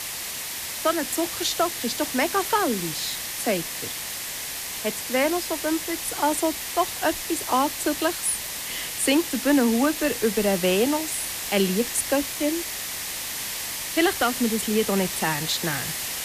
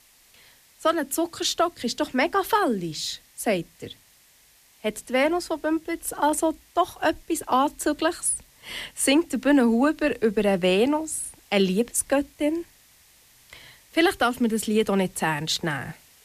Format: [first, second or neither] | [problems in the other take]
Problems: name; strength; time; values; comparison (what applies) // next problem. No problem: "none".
second | hiss; loud; throughout; 4 dB below the speech; faint in the second